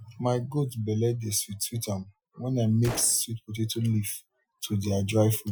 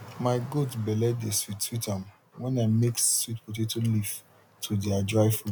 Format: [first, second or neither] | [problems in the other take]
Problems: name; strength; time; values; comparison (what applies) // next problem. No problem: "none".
second | noise reduction (classical method Wiener filter)